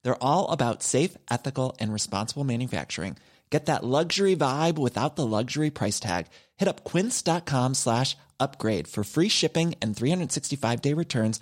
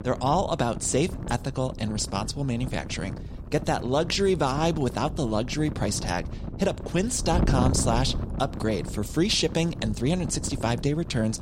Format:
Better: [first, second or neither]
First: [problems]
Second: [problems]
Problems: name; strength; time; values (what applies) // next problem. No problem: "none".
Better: first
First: none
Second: wind noise on the microphone; occasional gusts; 15 dB below the speech